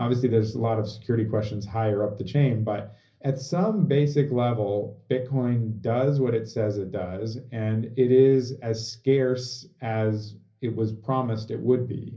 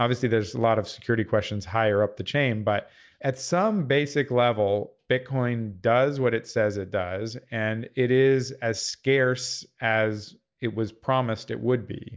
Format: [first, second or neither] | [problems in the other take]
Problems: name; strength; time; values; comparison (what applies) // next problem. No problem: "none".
second | room echo; dies away in 0.5 s